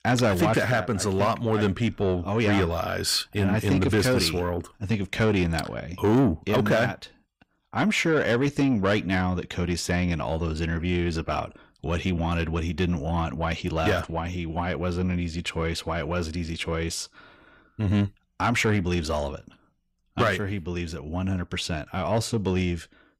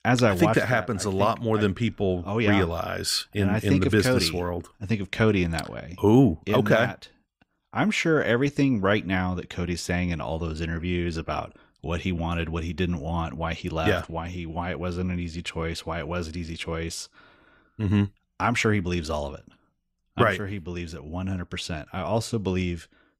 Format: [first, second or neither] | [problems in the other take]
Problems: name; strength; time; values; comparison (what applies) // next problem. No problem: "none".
second | distortion; slight; 10 dB below the speech